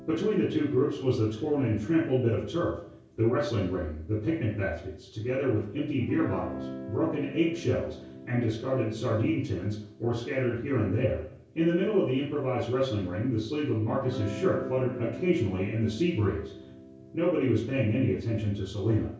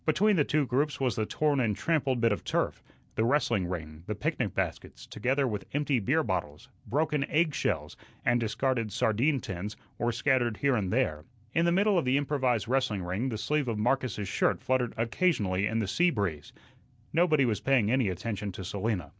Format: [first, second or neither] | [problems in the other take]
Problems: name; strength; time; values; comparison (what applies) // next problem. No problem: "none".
second | background sound (Guitar); 16 dB below the speech // room echo; dies away in 0.6 s